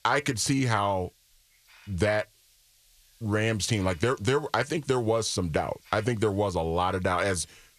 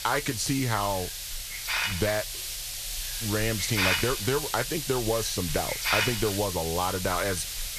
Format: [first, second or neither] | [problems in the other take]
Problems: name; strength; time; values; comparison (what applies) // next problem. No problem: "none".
first | hiss; loud; throughout; 1 dB below the speech; faint in the first